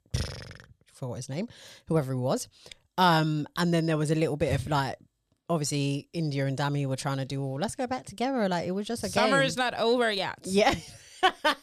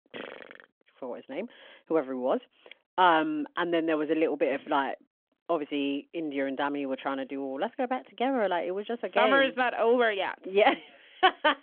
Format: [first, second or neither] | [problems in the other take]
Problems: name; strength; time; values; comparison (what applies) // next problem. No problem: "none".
first | phone-call audio; nothing above 3.5 kHz